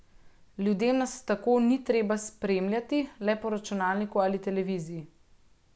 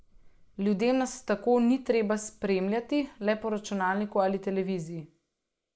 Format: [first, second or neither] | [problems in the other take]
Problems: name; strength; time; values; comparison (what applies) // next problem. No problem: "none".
first | noise reduction (neural mask model Resemble Enhance denoiser)